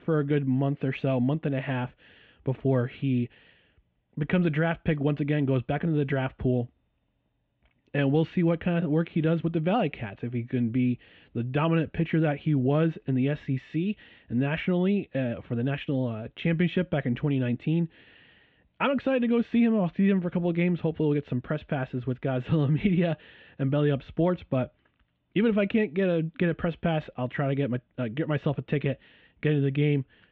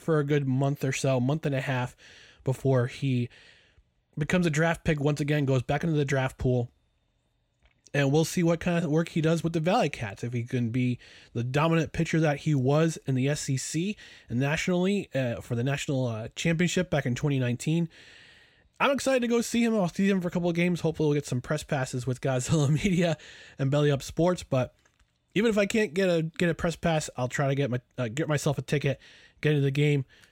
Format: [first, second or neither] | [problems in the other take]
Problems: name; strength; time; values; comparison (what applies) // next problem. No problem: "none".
second | muffled; very; fading above 3 kHz